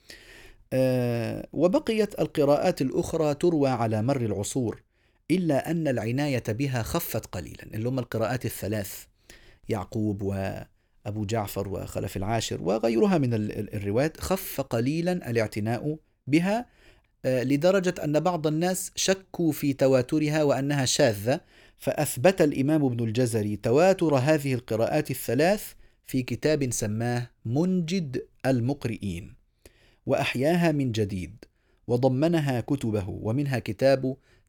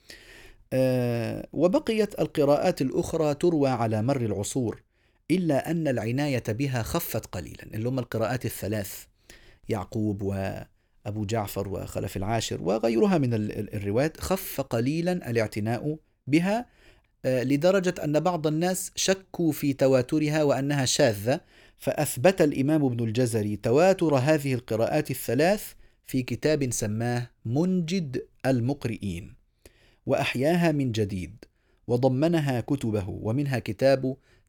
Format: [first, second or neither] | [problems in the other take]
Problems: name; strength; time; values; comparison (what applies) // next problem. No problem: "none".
neither | none